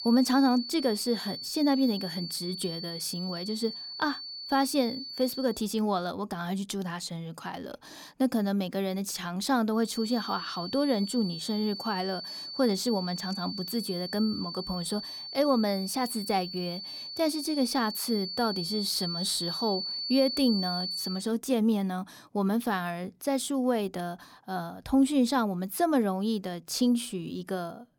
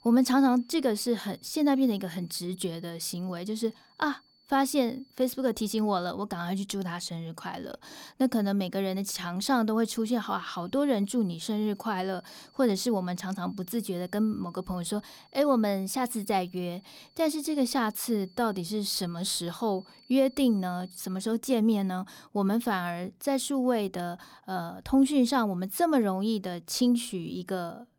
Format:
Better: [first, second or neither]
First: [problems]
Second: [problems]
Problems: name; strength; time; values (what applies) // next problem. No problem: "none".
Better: second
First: high-pitched whine; loud; until 5.5 s and from 10 to 21 s; 4.5 kHz, 6 dB below the speech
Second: high-pitched whine; faint; until 5.5 s and from 10 to 21 s; 4.5 kHz, 30 dB below the speech